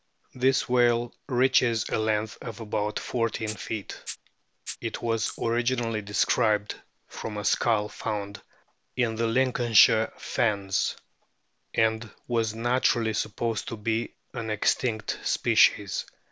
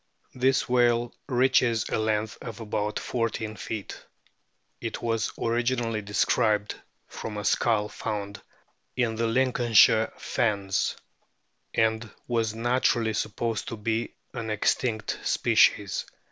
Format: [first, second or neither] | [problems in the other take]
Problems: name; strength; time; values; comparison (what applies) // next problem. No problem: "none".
second | background sound (Rattle (instrument)); 17 dB below the speech